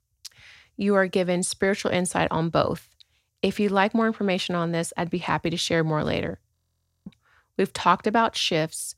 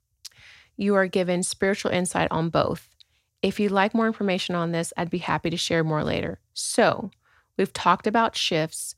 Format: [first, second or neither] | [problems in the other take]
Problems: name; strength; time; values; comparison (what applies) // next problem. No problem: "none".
second | audio freezing; at 6.5 s for 0.5 s